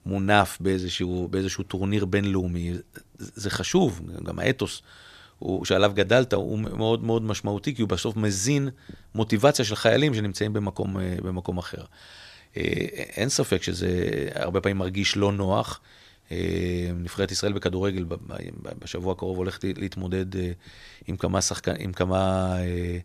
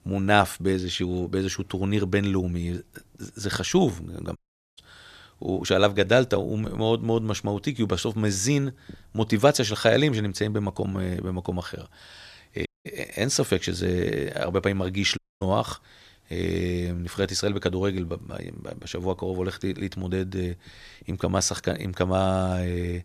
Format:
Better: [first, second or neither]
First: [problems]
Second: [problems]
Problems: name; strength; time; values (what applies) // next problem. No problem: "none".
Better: first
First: none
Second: audio cutting out; at 4.5 s, at 13 s and at 15 s